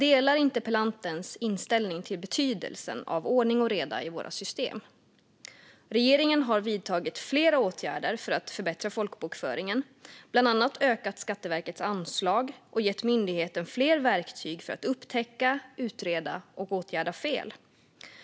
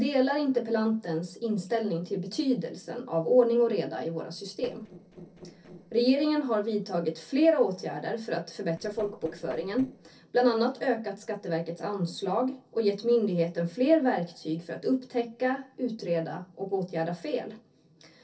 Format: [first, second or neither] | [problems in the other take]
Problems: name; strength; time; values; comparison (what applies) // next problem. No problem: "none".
first | noise reduction (neural separator model SepFormer DNS4)